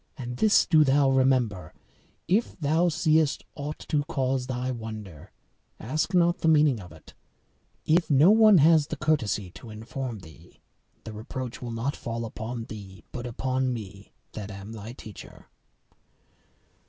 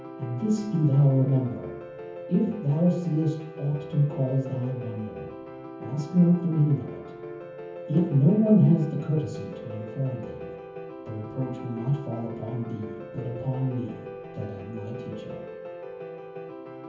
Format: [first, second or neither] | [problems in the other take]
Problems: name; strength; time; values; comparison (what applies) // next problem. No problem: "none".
first | background sound (Piano); 12 dB below the speech // room echo; dies away in 0.7 s